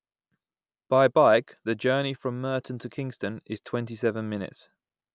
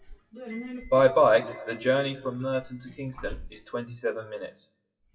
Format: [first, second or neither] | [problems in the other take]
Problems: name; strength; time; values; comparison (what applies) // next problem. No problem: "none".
first | noise reduction (classical method WPE with log-MMSE)